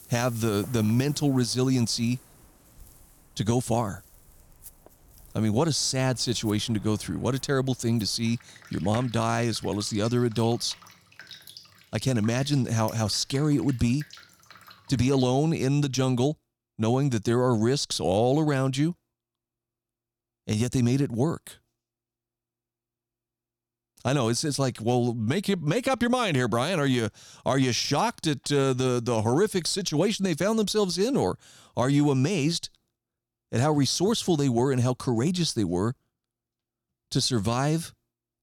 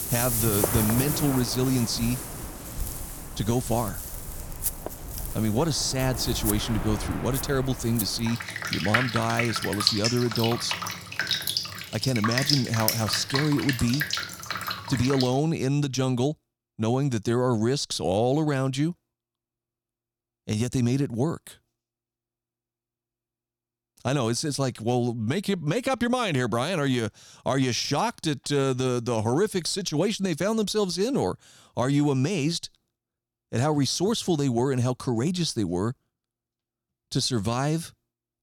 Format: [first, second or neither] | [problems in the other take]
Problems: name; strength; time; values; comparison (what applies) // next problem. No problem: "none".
first | rain or running water; loud; until 15 s; 3 dB below the speech; faint in the first